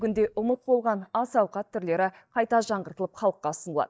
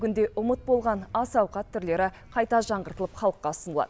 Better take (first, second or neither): second